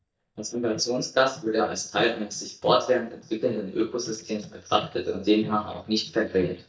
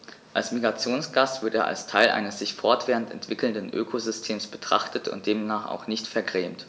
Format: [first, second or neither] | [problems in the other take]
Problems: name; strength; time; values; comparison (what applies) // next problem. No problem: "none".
second | noise reduction (neural mask model DeepFilterNet 3)